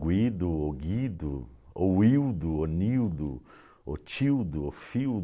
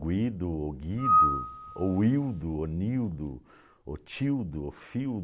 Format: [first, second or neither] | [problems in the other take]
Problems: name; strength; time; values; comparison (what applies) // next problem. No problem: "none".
first | background sound (Screech / Glass); 3 dB above the speech